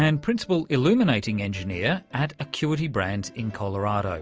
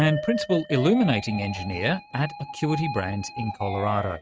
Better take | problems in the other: first | noise reduction (neural mask model RNNoise)

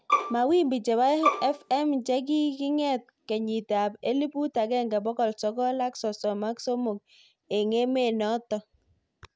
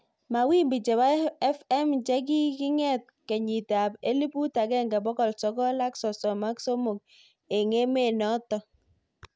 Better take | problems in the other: second | background sound (Bowed string instrument); 2 dB below the speech

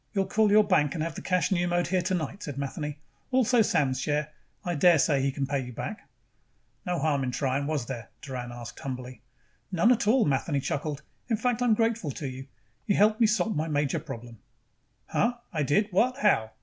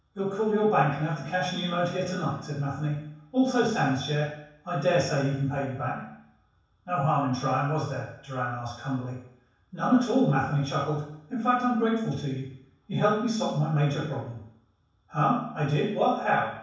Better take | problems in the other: first | room echo; dies away in 0.7 s

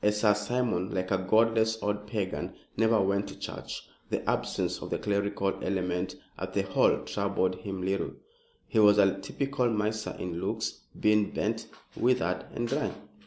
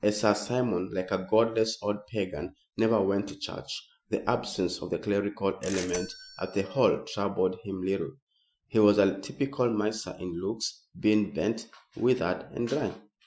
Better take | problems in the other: first | noise reduction (classical method Wiener filter)

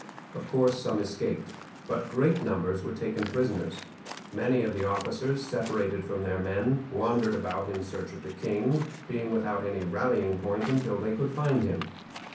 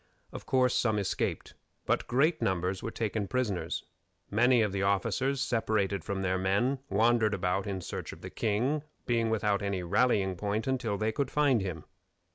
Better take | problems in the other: second | background sound (Waves, surf); 15 dB below the speech // room echo; dies away in 0.6 s

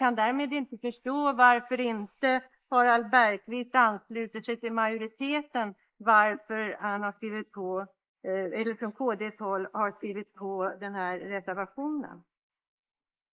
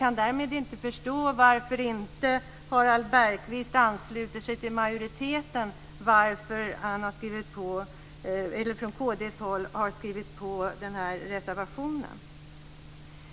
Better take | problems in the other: second | noise reduction (neural mask model Resemble Enhance denoiser)

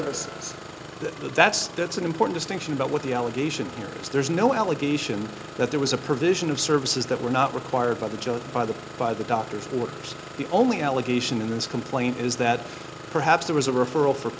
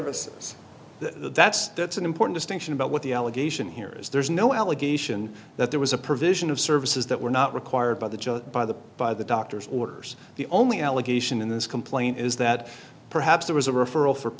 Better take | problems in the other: second | background sound (Engine starting); 14 dB below the speech

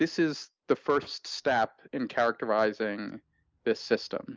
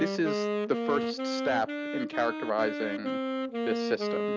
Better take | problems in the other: first | background sound (Wind instrument, woodwind instrument); as loud as the speech

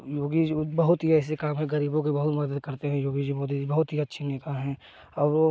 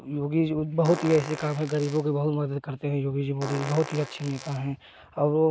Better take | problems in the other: first | background sound (Fart); 13 dB below the speech

